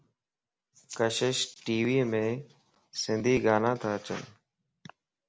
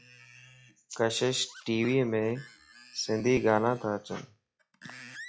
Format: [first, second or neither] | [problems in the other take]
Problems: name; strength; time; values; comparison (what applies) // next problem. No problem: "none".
first | noise reduction (classical method log-MMSE)